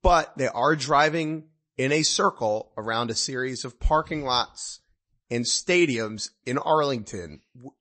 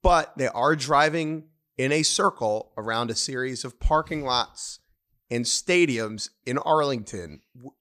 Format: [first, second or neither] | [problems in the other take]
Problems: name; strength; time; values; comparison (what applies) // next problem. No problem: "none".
second | garbled, watery; slightly; nothing above 8 kHz